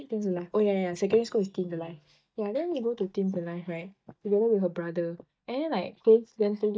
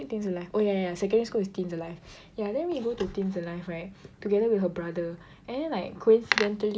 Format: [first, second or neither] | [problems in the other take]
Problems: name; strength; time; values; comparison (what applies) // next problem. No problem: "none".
second | noise reduction (neural mask model DeepFilterNet 3)